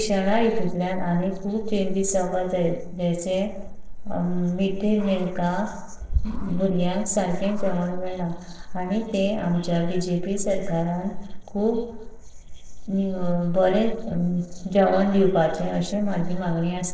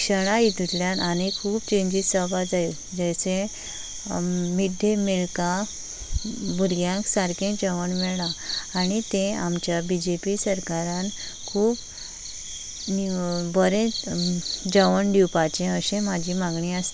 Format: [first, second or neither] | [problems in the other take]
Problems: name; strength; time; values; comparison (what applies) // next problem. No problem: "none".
second | noise reduction (neural separator model SepFormer DNS4)